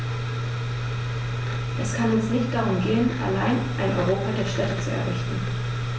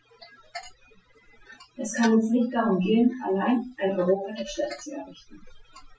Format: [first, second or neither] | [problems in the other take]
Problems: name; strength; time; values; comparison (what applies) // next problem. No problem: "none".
first | noise reduction (classical method Wiener filter)